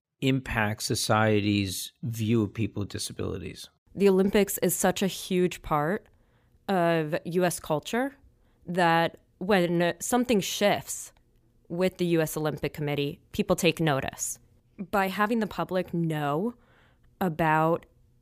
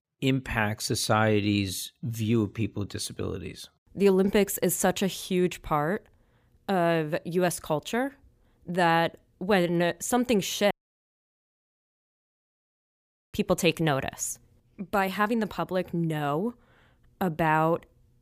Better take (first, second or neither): first